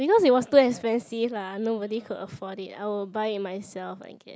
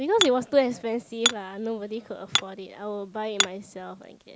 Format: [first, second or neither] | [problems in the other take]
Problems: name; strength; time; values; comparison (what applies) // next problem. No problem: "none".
first | background sound (Hammer); 3 dB below the speech